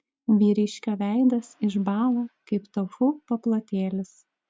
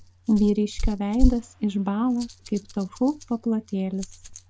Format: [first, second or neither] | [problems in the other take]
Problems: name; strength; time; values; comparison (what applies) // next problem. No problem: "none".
first | background sound (Rattle); 4 dB below the speech